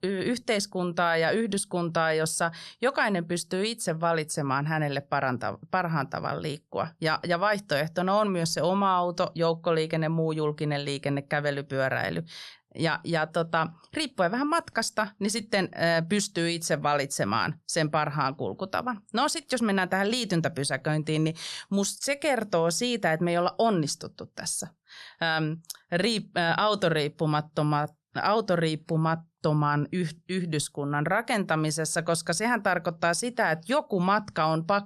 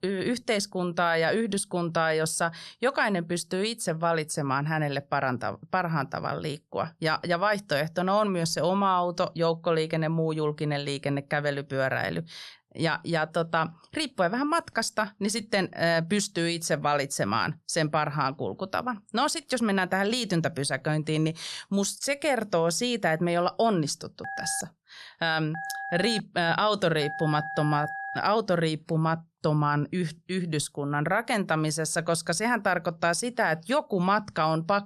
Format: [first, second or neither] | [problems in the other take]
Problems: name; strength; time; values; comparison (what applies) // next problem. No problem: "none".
first | phone ringing; noticeable; from 24 to 28 s; peak 7 dB below the speech